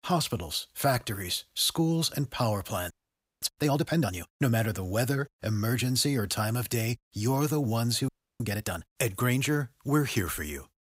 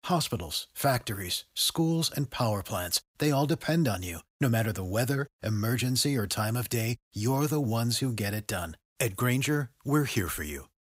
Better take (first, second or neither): second